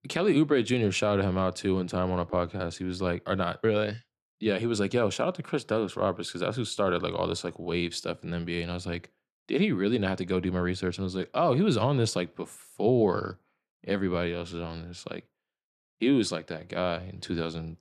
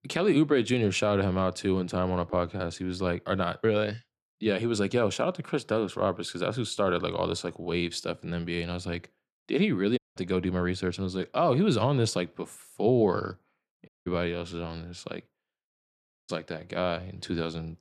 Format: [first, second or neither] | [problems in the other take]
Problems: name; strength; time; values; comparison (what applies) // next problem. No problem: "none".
first | audio cutting out; at 10 s, at 14 s and at 16 s